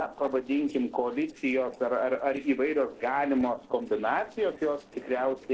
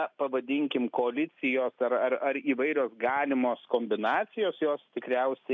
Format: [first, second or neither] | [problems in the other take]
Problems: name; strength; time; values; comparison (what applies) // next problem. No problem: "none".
second | noise reduction (neural separator model SepFormer DNS4)